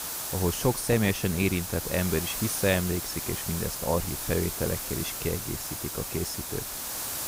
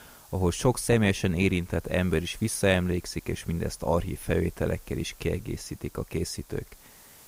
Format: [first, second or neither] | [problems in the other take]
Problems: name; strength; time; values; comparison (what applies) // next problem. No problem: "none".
second | hiss; loud; throughout; 3 dB below the speech; faint in the second